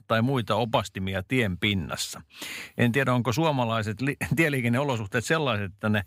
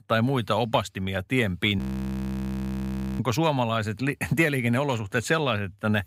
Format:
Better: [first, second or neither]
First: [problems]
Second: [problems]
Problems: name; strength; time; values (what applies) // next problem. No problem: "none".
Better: first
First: none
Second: audio freezing; at 2 s for 1.5 s